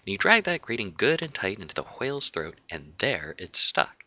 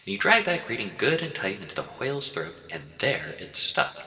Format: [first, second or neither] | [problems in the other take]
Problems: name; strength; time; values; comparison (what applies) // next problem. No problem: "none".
first | room echo; dies away in 2.5 s